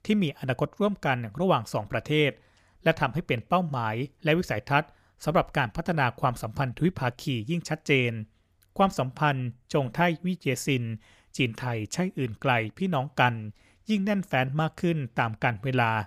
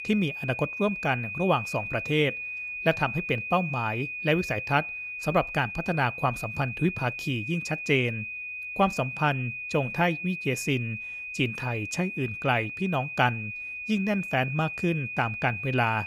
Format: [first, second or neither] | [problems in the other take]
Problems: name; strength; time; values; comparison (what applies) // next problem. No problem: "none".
first | high-pitched whine; loud; throughout; 2.5 kHz, 6 dB below the speech